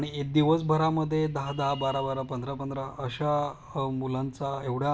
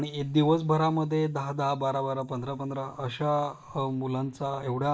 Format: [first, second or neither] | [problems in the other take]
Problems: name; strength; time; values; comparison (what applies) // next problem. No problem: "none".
first | noise reduction (neural mask model Resemble Enhance denoiser)